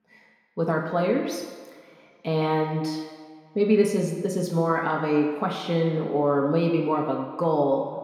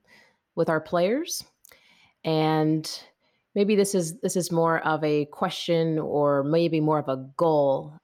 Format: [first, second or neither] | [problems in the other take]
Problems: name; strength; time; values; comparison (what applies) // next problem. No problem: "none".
second | room echo; noticeable; dies away in 1.6 s // off-mic speech; somewhat distant